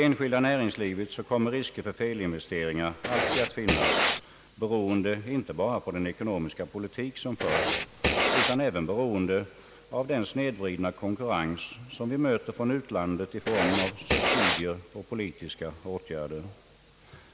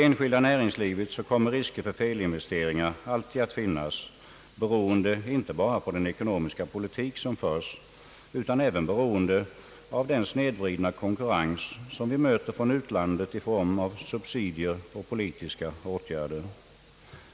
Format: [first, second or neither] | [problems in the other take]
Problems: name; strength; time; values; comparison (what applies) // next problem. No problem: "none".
second | background sound (Writing); 3 dB above the speech